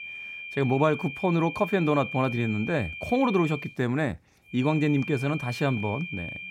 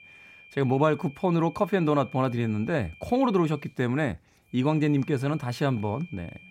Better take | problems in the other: second | high-pitched whine; loud; until 3.5 s and from 4.5 s on; 2.5 kHz, 9 dB below the speech; faint in the second

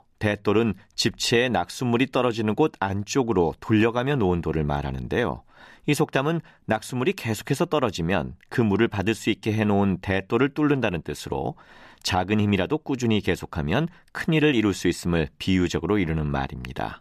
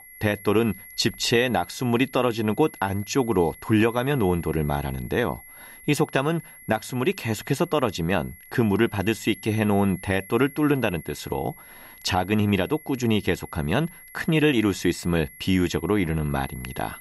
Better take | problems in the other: first | high-pitched whine; noticeable; throughout; 2 kHz, 20 dB below the speech

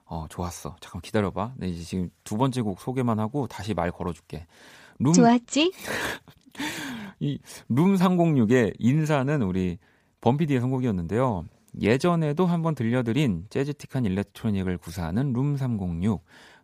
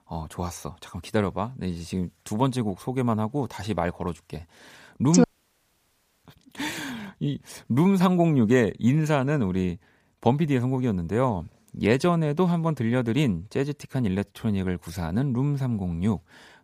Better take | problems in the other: first | audio cutting out; at 5 s for 1 s

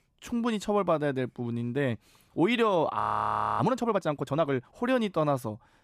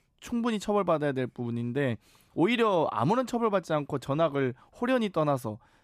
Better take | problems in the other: second | audio freezing; at 3 s for 0.5 s

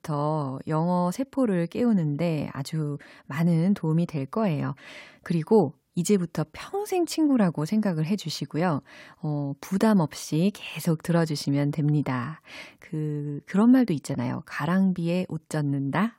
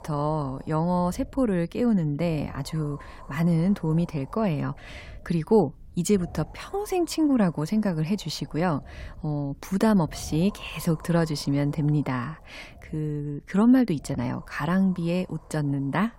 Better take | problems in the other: first | wind noise on the microphone; occasional gusts; 20 dB below the speech

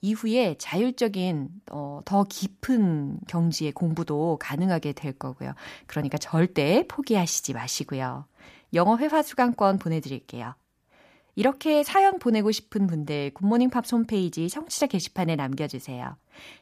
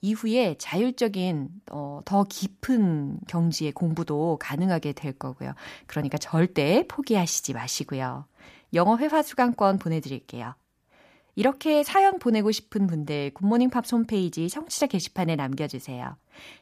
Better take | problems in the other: neither | none

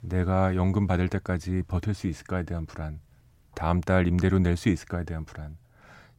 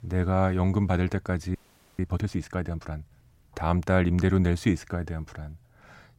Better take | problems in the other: first | audio freezing; at 1.5 s

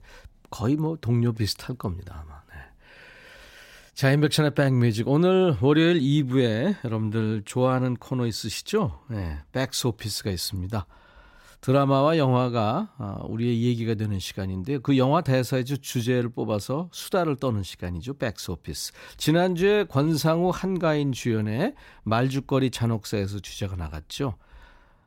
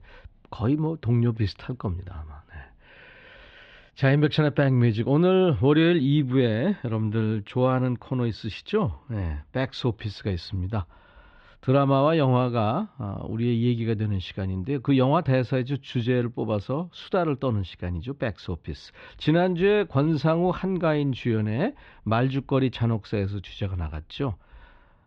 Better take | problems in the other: first | muffled; slightly; fading above 3.5 kHz

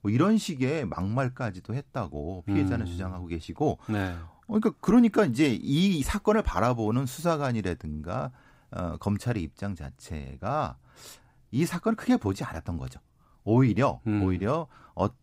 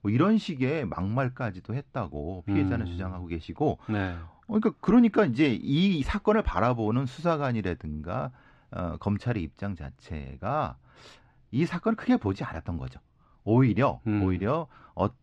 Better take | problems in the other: first | muffled; very slightly; fading above 3 kHz

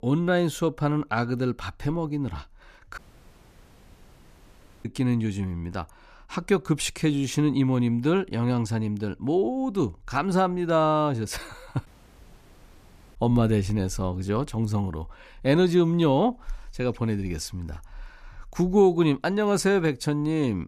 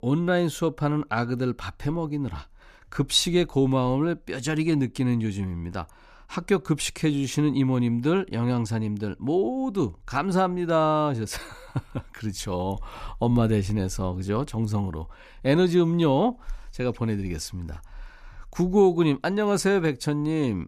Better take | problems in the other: second | audio cutting out; at 3 s for 2 s and at 12 s for 1.5 s

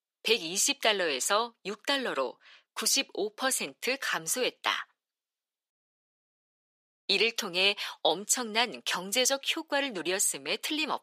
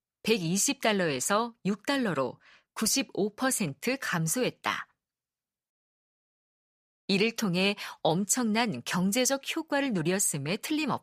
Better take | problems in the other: second | thin; somewhat; fading below 350 Hz

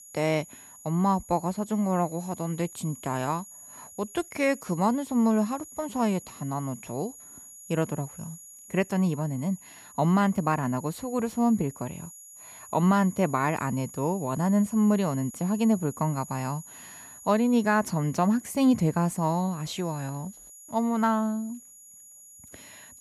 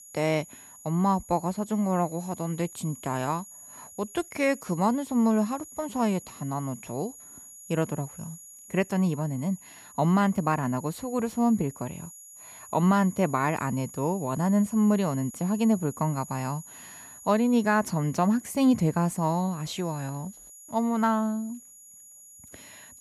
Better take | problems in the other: neither | high-pitched whine; noticeable; throughout; 7 kHz, 20 dB below the speech; the same in both

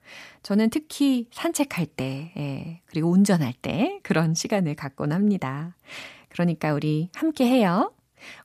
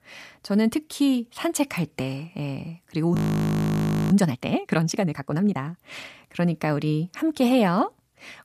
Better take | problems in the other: first | audio freezing; at 3 s for 1 s

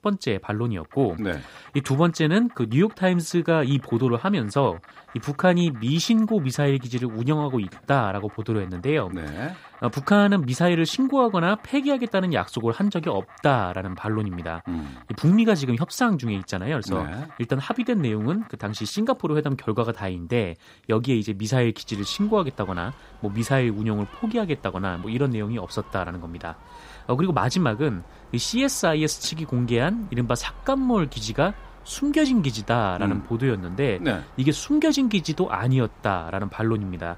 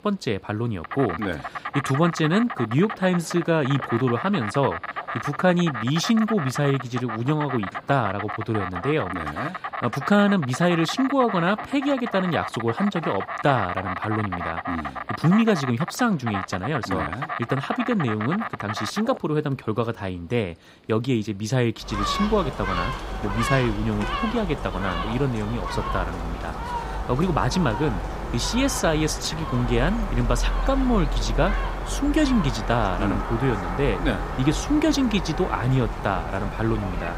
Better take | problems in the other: first | animal sounds; loud; throughout; 6 dB below the speech; faint in the first

